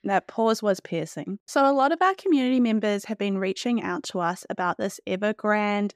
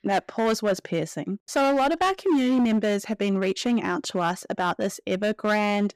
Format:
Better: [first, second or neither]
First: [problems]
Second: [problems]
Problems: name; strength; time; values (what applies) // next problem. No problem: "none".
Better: first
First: none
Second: distortion; slight; 11% of the sound clipped